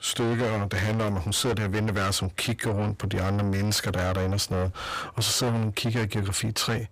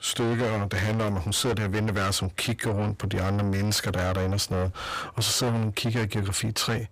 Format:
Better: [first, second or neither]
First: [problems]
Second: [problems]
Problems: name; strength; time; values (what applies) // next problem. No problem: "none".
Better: neither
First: distortion; heavy; 6 dB below the speech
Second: distortion; heavy; 6 dB below the speech